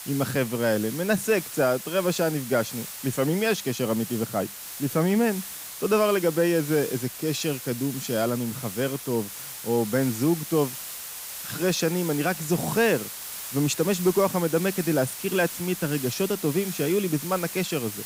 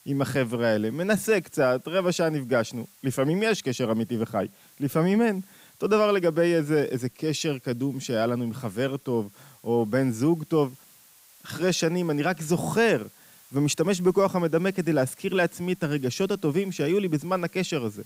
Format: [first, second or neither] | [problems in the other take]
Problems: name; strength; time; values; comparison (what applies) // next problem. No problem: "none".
second | hiss; loud; throughout; 9 dB below the speech; faint in the second